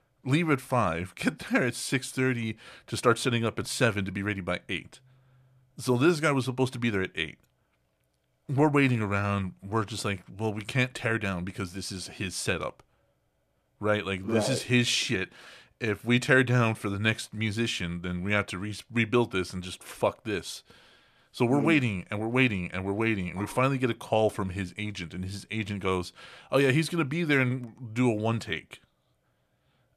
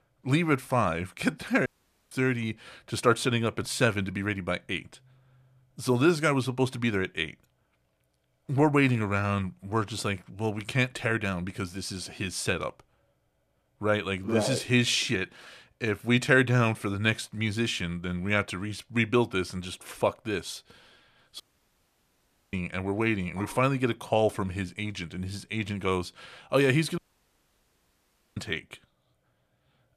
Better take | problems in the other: first | audio cutting out; at 1.5 s, at 21 s for 1 s and at 27 s for 1.5 s

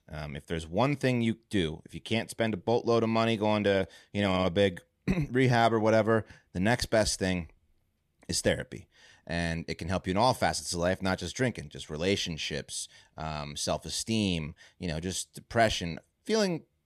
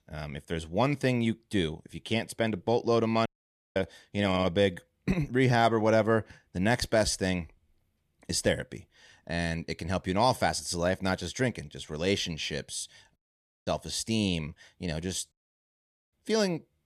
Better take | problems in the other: first | audio cutting out; at 3.5 s for 0.5 s, at 13 s for 0.5 s and at 15 s for 1 s

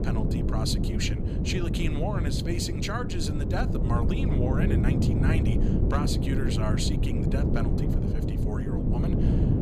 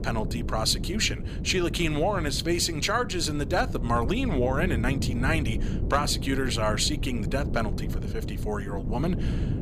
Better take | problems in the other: second | wind noise on the microphone; heavy; 1 dB below the speech; occasional gusts in the second

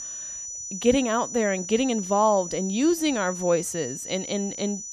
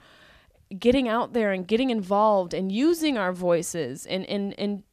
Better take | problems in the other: second | high-pitched whine; loud; throughout; 6 kHz, 8 dB below the speech

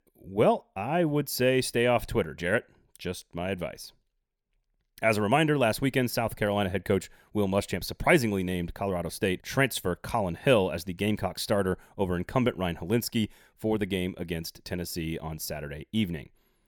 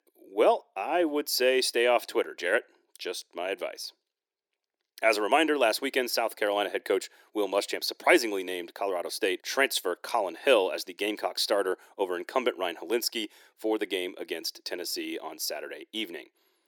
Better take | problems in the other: first | thin; somewhat; fading below 300 Hz

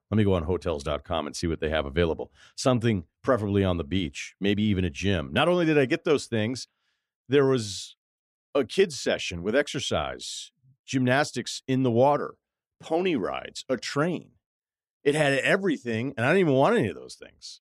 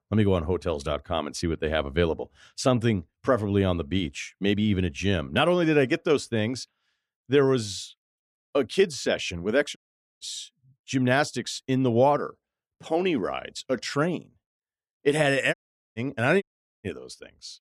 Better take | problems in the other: first | audio cutting out; at 10 s and at 16 s

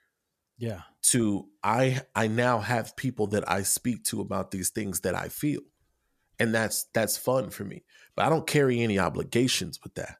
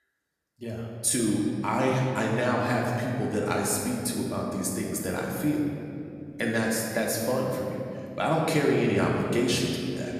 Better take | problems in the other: first | room echo; noticeable; dies away in 2.5 s // off-mic speech; somewhat distant

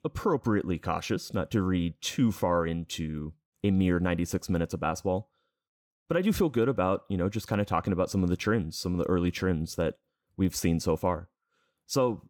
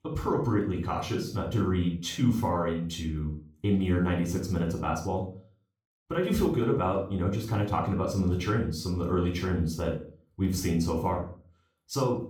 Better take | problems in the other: first | off-mic speech; somewhat distant // room echo; slight; dies away in 0.4 s

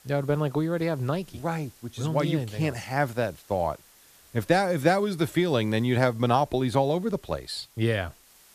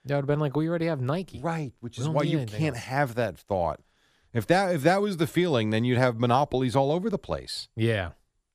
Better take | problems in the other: second | hiss; faint; throughout; 25 dB below the speech

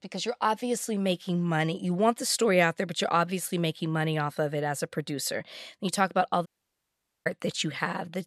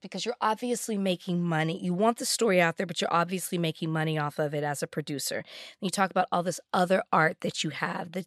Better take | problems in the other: second | audio cutting out; at 6.5 s for 1 s

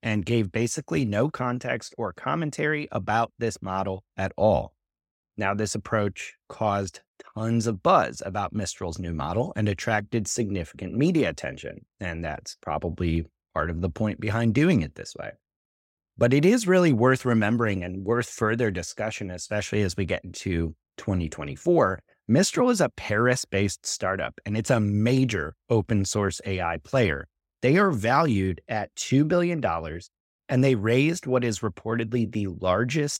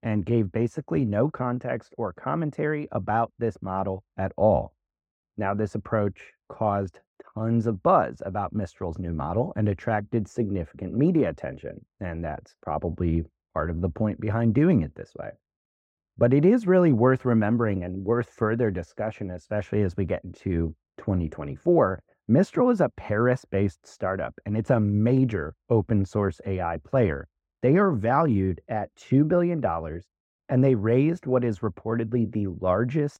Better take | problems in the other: first | muffled; very; fading above 2.5 kHz

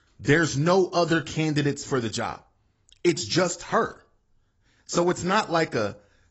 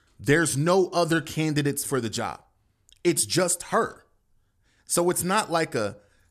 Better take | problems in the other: second | garbled, watery; badly; nothing above 7.5 kHz

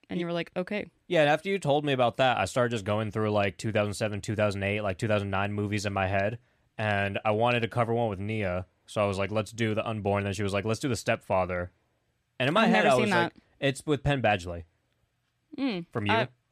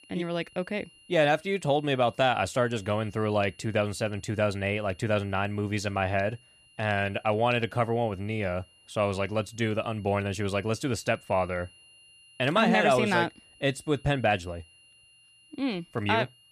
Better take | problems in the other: first | high-pitched whine; faint; throughout; 3 kHz, 25 dB below the speech

